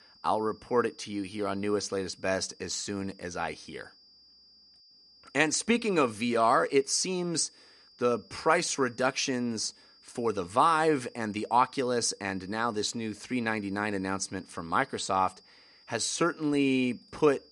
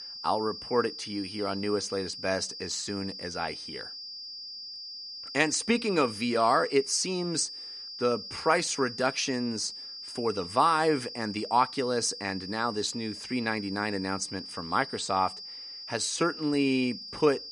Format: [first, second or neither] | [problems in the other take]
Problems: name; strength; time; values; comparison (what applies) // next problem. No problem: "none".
first | high-pitched whine; loud; throughout; 5 kHz, 10 dB below the speech; faint in the first